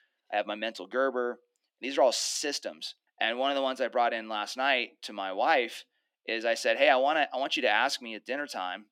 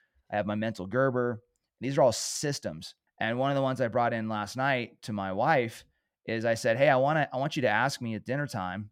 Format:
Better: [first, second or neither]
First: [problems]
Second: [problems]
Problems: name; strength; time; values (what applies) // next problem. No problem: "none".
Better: second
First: thin; somewhat; fading below 250 Hz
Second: none